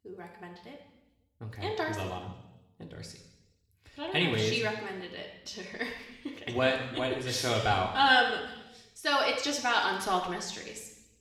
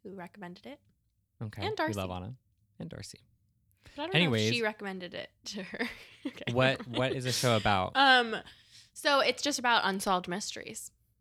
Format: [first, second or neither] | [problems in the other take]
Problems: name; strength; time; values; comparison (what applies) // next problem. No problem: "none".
second | room echo; noticeable; dies away in 0.9 s // off-mic speech; somewhat distant